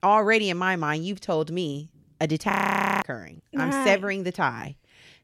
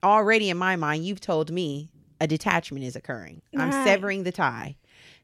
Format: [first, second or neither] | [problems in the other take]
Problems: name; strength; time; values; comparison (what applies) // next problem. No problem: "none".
second | audio freezing; at 2.5 s for 0.5 s